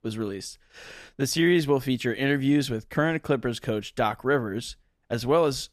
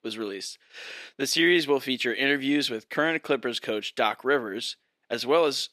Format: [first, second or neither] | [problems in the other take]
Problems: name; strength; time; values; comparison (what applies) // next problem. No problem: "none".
first | thin; very slightly; fading below 350 Hz